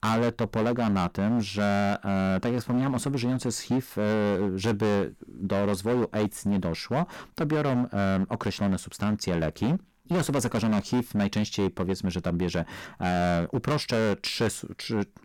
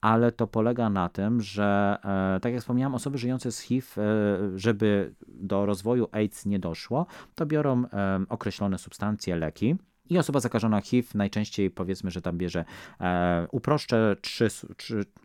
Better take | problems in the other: second | distortion; heavy; 18% of the sound clipped

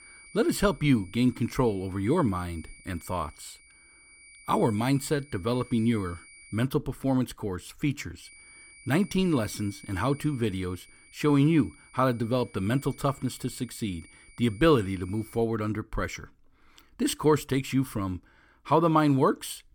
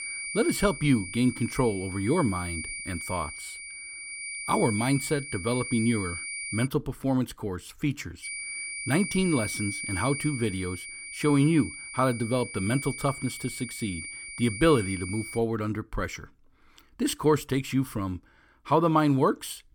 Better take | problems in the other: first | high-pitched whine; loud; until 6.5 s and from 8 to 15 s; 2.5 kHz, 7 dB below the speech; faint in the first

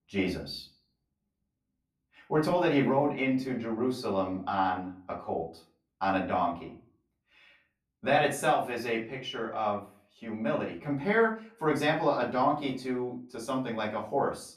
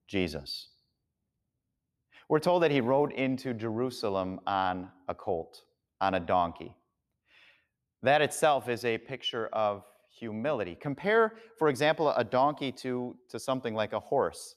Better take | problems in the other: second | room echo; slight; dies away in 0.3 s // off-mic speech; far

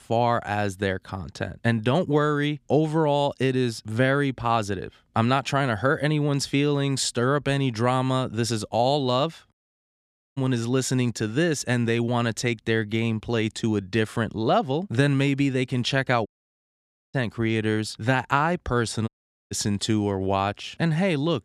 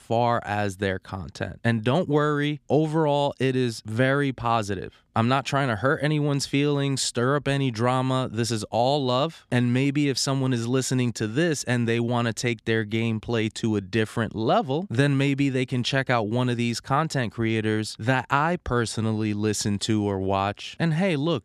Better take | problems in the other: second | audio cutting out; at 9.5 s for 1 s, at 16 s for 1 s and at 19 s

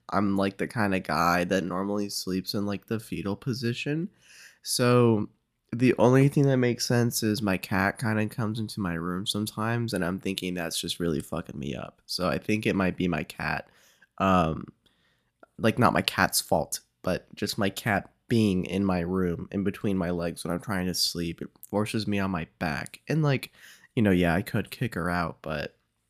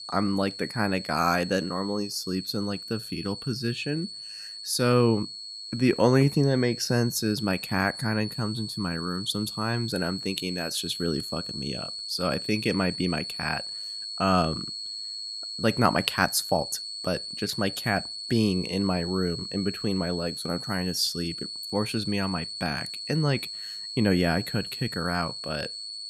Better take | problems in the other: first | high-pitched whine; loud; throughout; 4.5 kHz, 7 dB below the speech

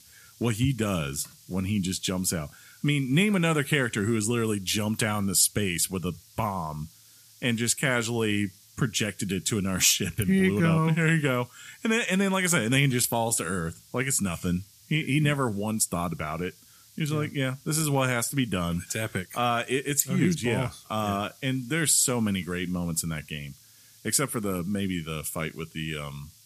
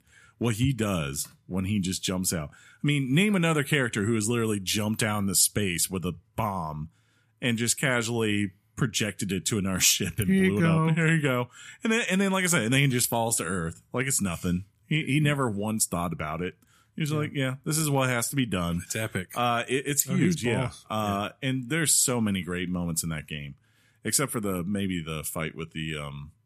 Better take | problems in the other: second | hiss; faint; throughout; 25 dB below the speech

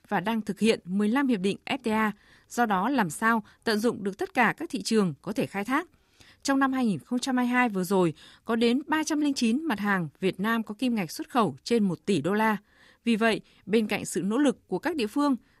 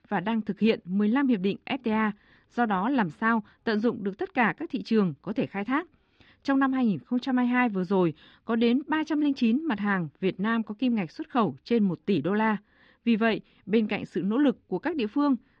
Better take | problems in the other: first | muffled; slightly; fading above 4 kHz

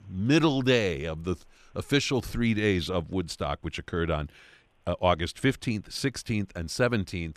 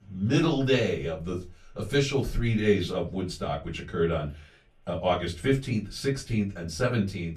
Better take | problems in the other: first | off-mic speech; far // room echo; very slight; dies away in 0.2 s

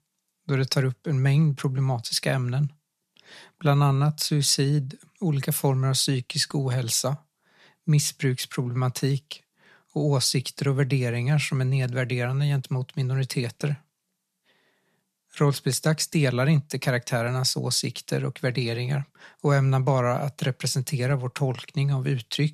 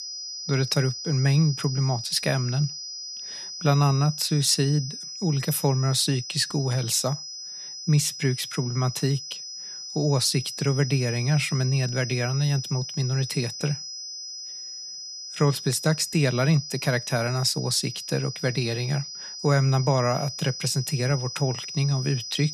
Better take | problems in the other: first | high-pitched whine; loud; throughout; 5 kHz, 9 dB below the speech

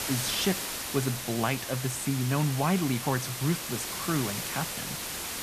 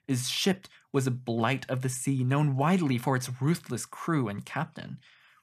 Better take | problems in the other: second | hiss; loud; throughout; 3 dB below the speech

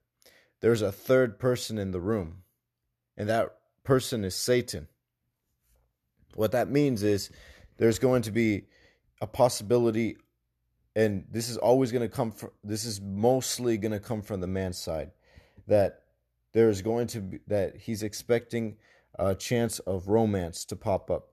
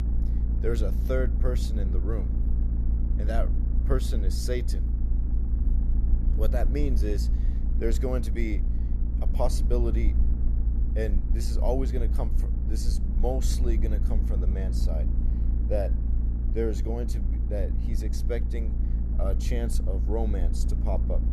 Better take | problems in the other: first | low rumble; loud; throughout; 9 dB below the speech

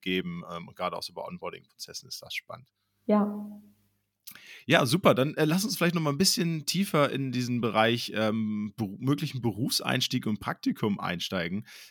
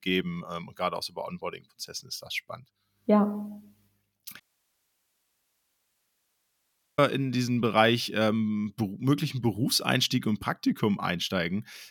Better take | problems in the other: first | audio cutting out; at 4.5 s for 2.5 s

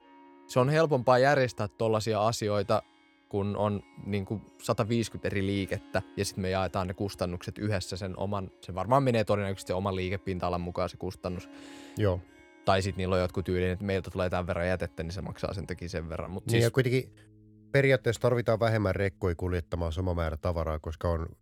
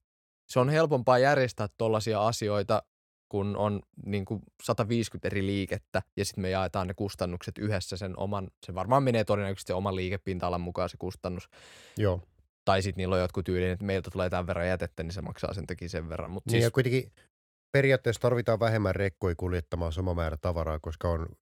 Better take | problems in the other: second | background music; faint; throughout; 25 dB below the speech

